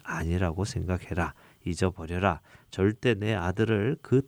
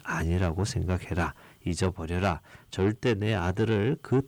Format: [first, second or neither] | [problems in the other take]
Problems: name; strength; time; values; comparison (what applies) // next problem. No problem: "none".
first | distortion; slight; 10 dB below the speech